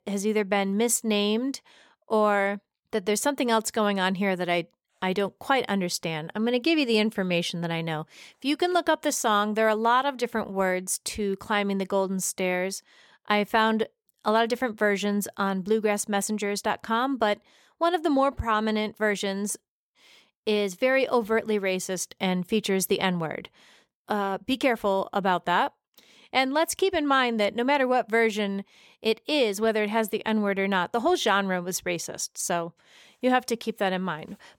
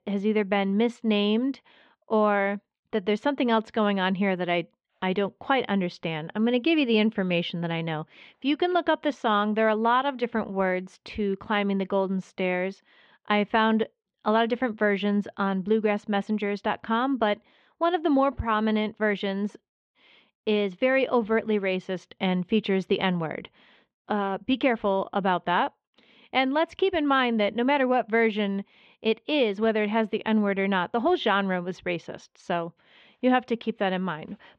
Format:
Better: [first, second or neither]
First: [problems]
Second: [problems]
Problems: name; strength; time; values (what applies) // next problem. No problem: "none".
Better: first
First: none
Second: muffled; very; fading above 3 kHz